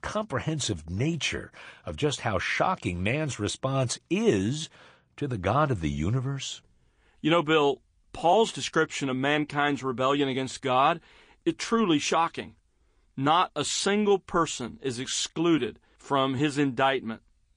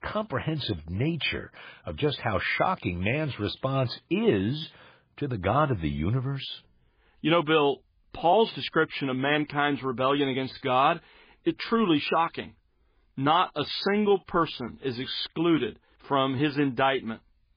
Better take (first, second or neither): first